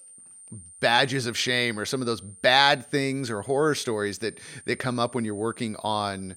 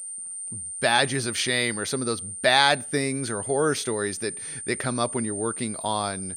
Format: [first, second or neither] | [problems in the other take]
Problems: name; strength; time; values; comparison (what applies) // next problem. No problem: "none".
first | high-pitched whine; loud; throughout; 9 kHz, 7 dB below the speech; faint in the first